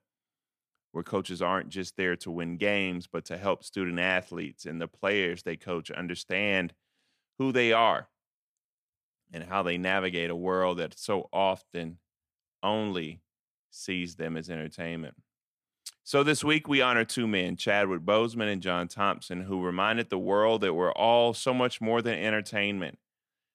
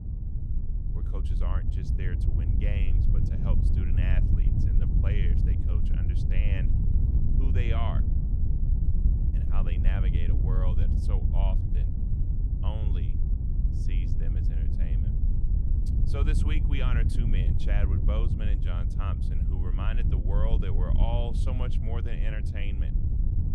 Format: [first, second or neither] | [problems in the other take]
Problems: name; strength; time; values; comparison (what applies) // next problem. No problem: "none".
first | wind noise on the microphone; heavy; 2 dB below the speech